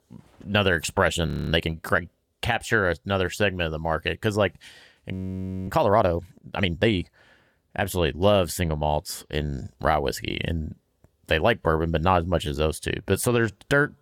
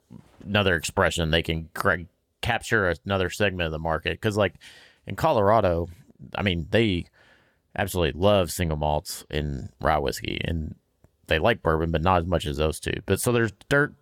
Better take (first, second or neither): second